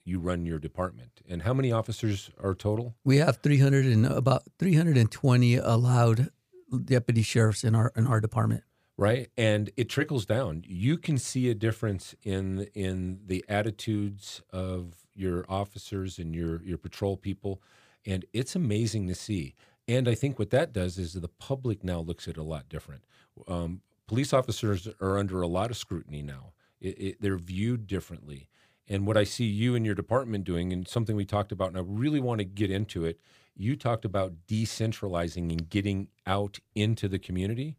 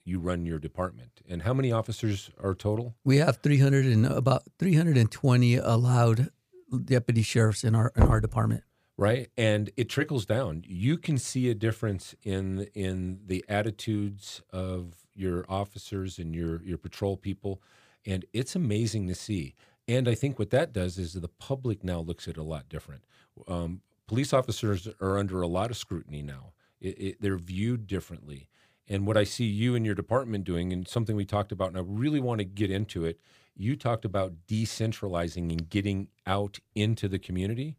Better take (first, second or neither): first